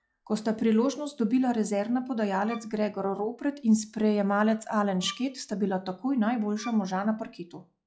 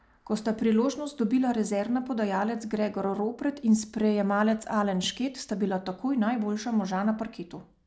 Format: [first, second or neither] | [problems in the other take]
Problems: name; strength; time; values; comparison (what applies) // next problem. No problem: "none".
second | noise reduction (classical method log-MMSE)